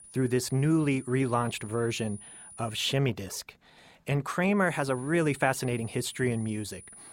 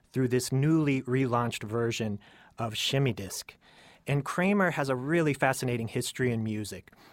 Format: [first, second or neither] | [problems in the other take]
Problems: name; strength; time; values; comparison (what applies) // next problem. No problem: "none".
second | high-pitched whine; noticeable; until 3 s and from 4.5 s on; 9.5 kHz, 20 dB below the speech